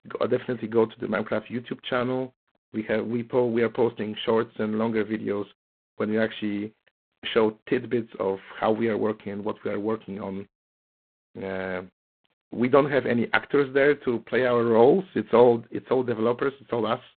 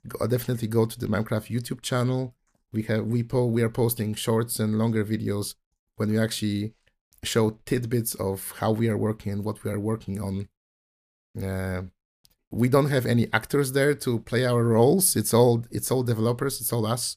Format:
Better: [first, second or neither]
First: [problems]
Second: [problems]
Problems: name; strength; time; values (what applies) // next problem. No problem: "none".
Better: second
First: phone-call audio; poor line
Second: none